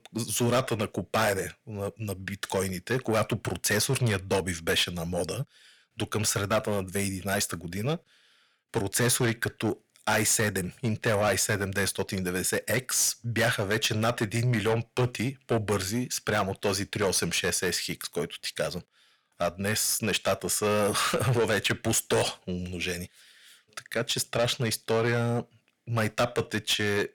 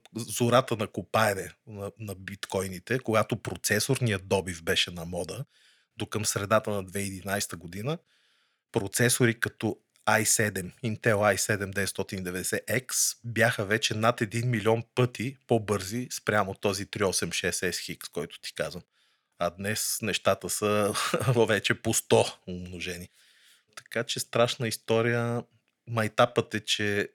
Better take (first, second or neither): second